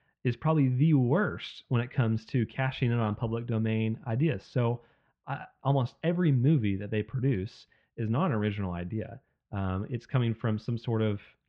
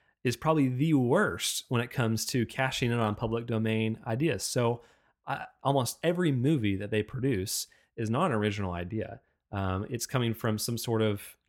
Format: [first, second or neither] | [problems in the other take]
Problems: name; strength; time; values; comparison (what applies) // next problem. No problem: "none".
second | muffled; very; fading above 3.5 kHz